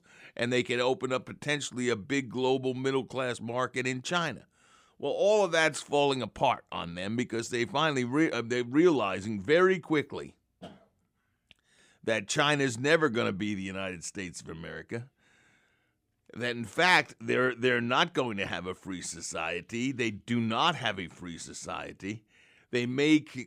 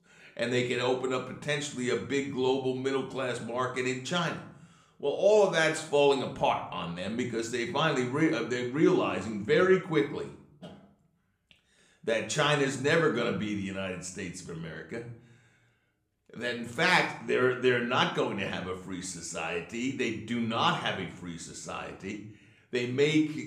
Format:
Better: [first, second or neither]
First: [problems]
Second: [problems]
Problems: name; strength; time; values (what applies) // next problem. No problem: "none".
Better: first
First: none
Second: room echo; slight; dies away in 0.5 s // off-mic speech; somewhat distant